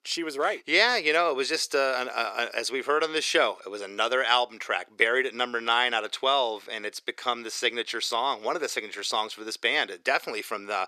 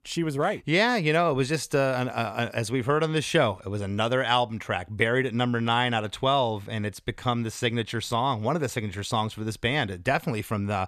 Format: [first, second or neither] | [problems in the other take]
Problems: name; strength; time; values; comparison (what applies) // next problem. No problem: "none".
second | thin; very; fading below 350 Hz